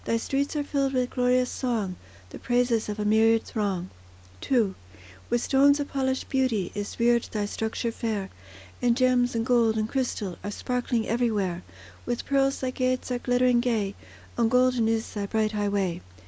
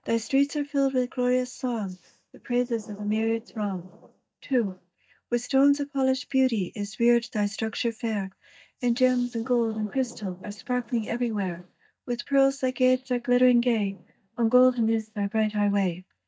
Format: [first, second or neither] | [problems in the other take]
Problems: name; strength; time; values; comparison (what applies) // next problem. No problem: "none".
first | noise reduction (neural mask model DeepFilterNet 3)